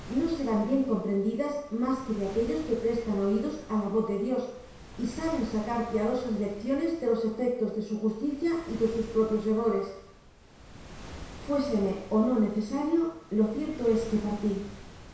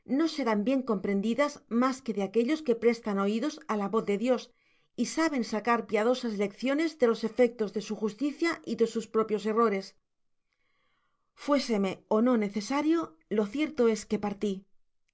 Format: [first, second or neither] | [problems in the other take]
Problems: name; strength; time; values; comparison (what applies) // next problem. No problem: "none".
second | background sound (Waves, surf); 17 dB below the speech // room echo; dies away in 0.7 s